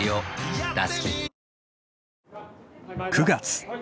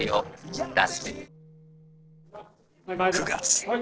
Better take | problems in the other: first | noise reduction (neural separator model SepFormer DNS4)

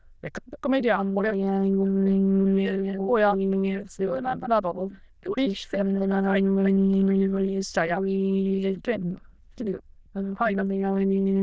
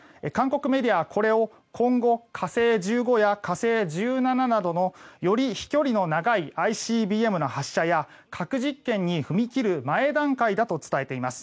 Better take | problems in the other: second | noise reduction (neural diffusion model UNIVERSE++)

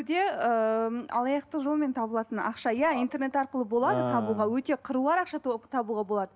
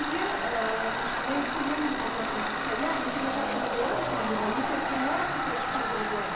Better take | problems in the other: first | background sound (Tools); 2 dB above the speech // room echo; dies away in 0.9 s

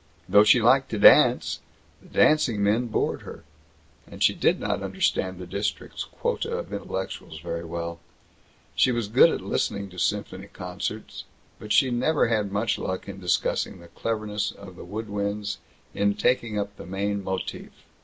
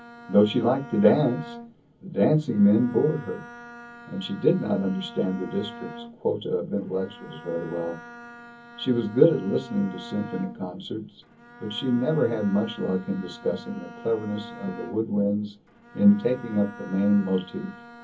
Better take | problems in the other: first | background sound (Bowed string instrument); 18 dB below the speech // room echo; dies away in 0.3 s

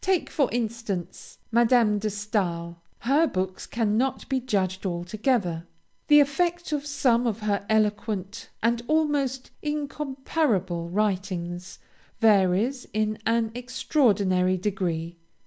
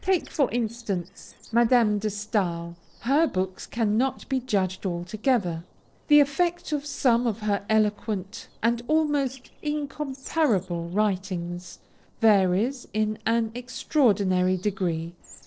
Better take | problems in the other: first | noise reduction (neural separator model SepFormer DNS4)

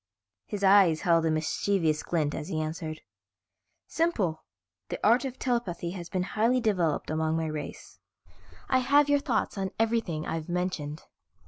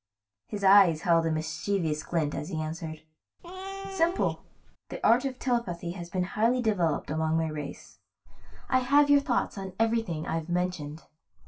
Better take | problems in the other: first | background sound (Cat); 9 dB below the speech // room echo; dies away in 0.2 s

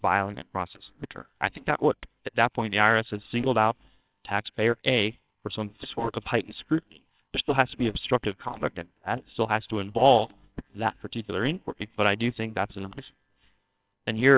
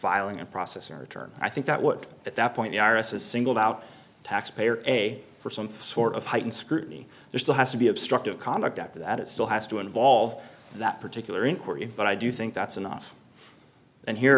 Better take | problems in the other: second | noise reduction (neural separator model SepFormer WHAMR!)

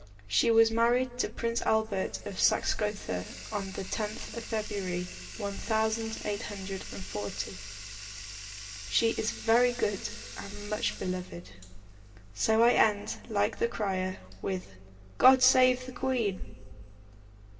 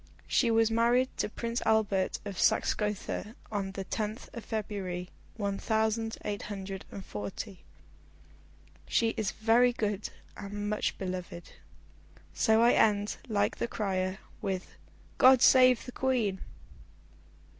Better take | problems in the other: second | background sound (Bathtub (filling or washing)); 15 dB below the speech // room echo; dies away in 1.4 s

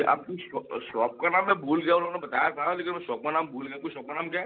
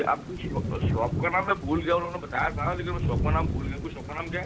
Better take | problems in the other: first | background sound (Thunder / Rain); 1 dB below the speech

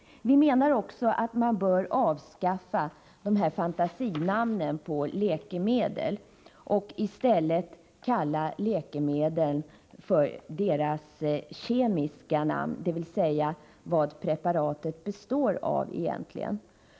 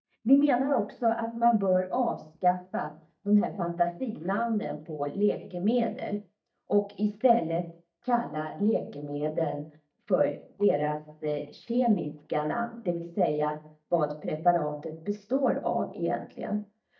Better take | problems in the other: first | noise reduction (neural mask model DeepFilterNet 3)

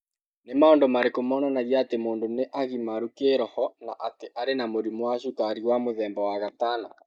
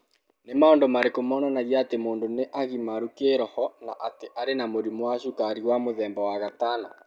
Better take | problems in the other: second | noise reduction (neural mask model Resemble Enhance denoiser)

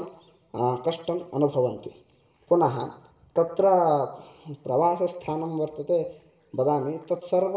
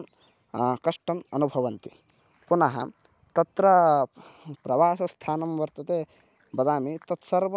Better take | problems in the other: second | room echo; dies away in 0.6 s

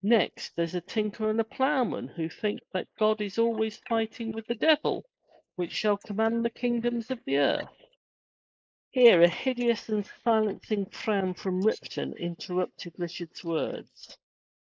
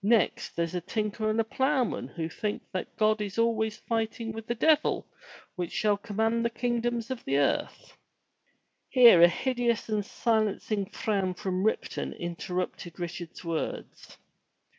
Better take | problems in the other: second | noise reduction (neural mask model Resemble Enhance denoiser)

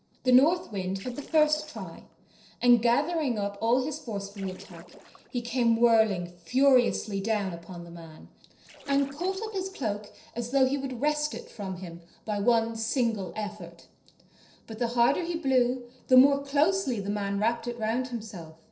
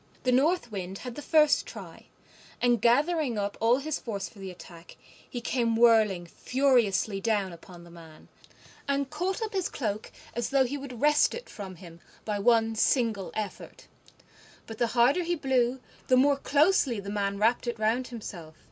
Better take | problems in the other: second | noise reduction (neural separator model SepFormer DNS4)

